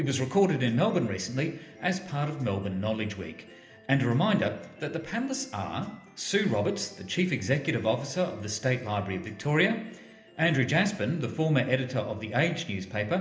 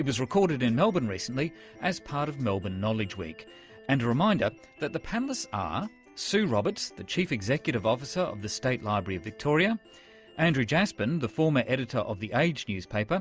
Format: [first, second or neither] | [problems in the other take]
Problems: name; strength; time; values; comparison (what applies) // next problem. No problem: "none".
second | room echo; dies away in 0.8 s